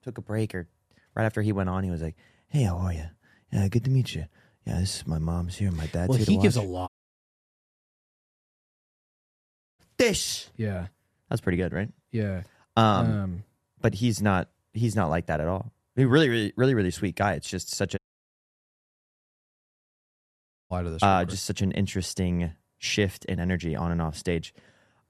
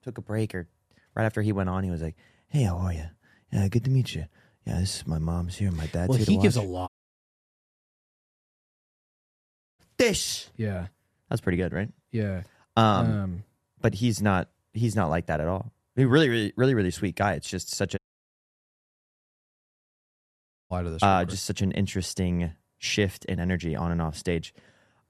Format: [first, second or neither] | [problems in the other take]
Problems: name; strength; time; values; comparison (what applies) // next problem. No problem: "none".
neither | audio cutting out; at 7 s for 3 s and at 18 s for 2.5 s; the same in both